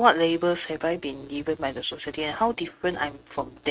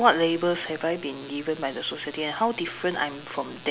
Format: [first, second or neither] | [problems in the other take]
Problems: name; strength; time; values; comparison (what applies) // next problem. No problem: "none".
second | noise reduction (neural mask model RNNoise)